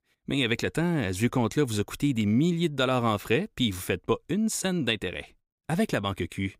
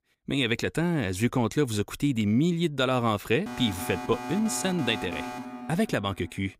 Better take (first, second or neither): first